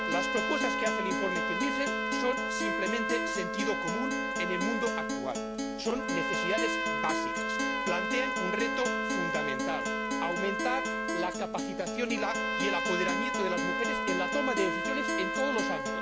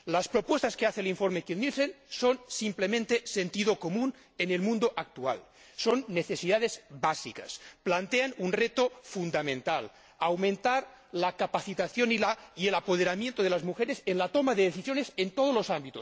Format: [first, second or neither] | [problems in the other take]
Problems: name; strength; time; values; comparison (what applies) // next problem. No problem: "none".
second | background sound (Acoustic guitar + Trumpet); 4 dB above the speech